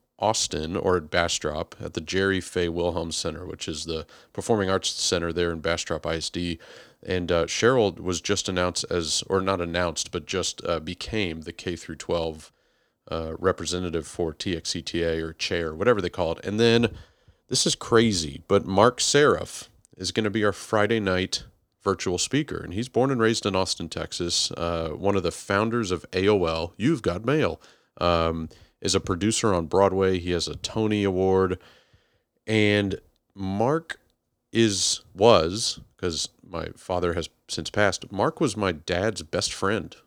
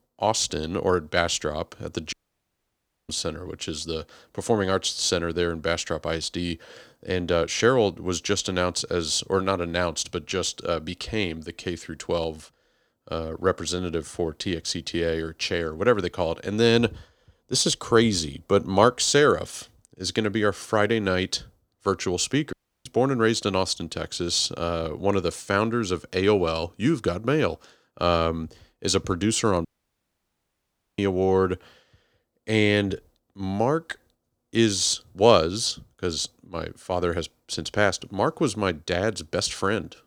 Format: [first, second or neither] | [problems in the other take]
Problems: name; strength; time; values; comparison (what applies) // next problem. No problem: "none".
first | audio cutting out; at 2 s for 1 s, at 23 s and at 30 s for 1.5 s